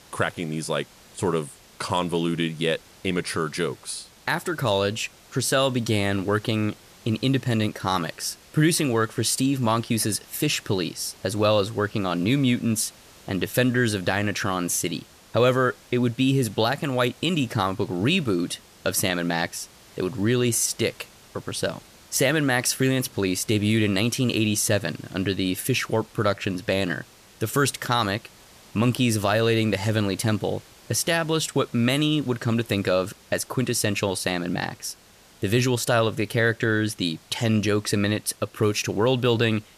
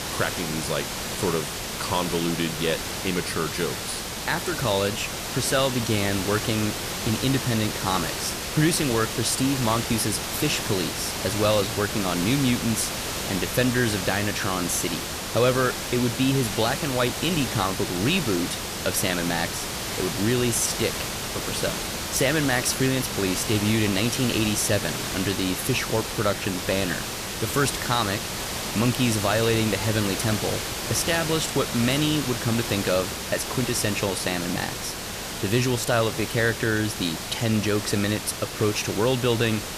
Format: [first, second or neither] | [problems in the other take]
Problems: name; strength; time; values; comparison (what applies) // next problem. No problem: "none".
first | hiss; loud; throughout; 4 dB below the speech; faint in the first